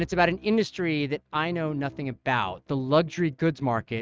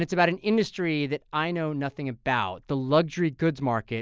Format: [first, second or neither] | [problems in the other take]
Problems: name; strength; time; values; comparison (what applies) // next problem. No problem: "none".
second | noise reduction (neural mask model RNNoise)